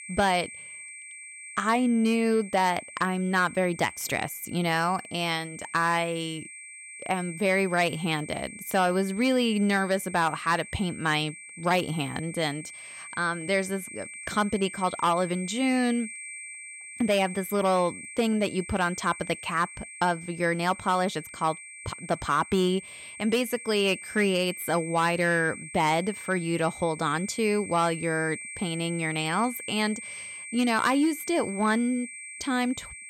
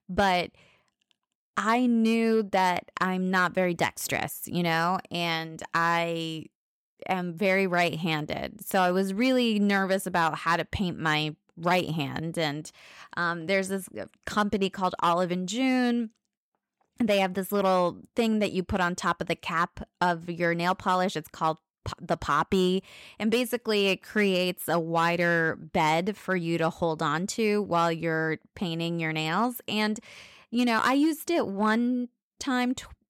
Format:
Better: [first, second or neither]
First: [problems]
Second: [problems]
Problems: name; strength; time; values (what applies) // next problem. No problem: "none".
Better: second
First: high-pitched whine; noticeable; throughout; 2.5 kHz, 10 dB below the speech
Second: none